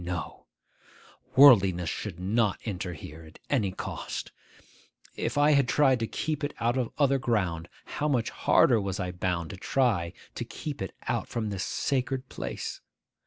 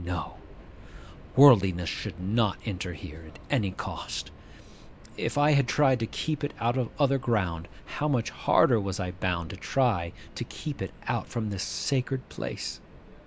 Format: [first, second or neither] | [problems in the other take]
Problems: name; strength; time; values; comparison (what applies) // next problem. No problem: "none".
first | background sound (Subway, metro, underground); 19 dB below the speech